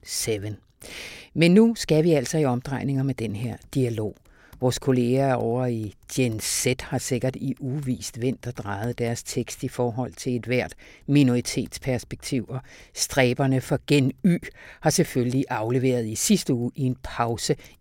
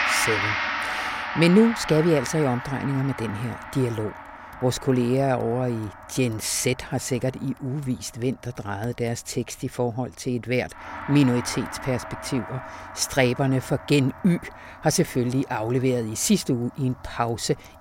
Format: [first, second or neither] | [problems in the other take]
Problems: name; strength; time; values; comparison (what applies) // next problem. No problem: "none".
first | background music; loud; throughout; 7 dB below the speech